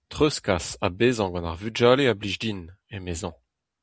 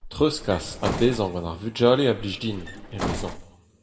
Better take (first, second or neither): first